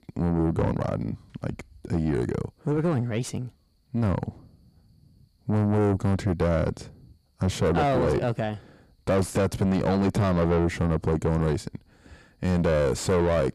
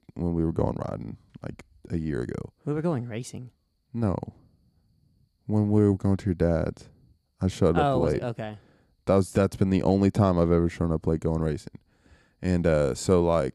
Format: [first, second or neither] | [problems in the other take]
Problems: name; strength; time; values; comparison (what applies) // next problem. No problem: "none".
second | distortion; heavy; 6 dB below the speech